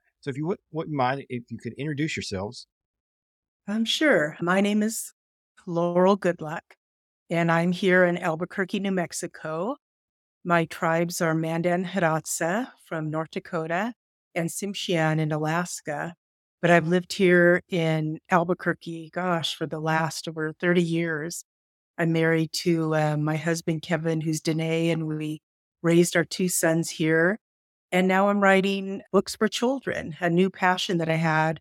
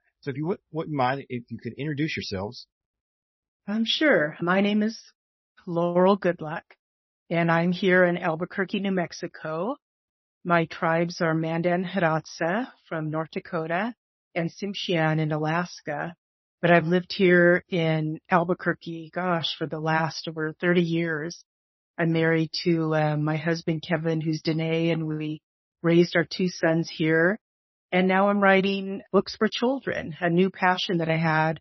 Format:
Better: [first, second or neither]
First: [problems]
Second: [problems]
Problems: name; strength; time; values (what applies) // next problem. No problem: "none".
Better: first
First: none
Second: garbled, watery; slightly; nothing above 6 kHz